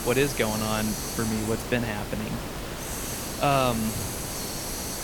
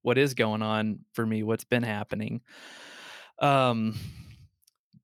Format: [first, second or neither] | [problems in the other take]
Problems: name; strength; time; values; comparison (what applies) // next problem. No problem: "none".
second | hiss; loud; throughout; 4 dB below the speech